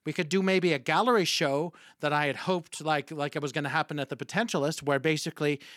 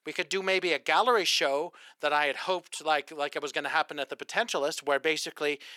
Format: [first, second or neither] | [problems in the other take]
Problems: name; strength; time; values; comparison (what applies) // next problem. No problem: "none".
first | thin; somewhat; fading below 550 Hz